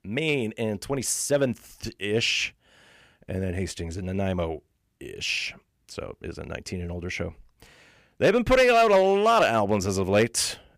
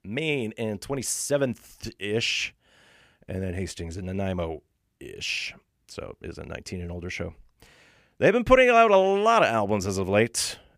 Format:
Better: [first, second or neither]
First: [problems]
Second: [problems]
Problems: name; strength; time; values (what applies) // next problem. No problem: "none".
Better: second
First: distortion; slight; 2% of the sound clipped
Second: none